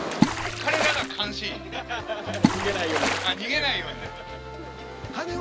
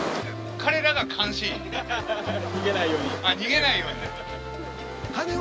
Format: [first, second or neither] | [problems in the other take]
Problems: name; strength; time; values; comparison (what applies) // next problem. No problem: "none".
second | background sound (Water / Splash, splatter); 1 dB above the speech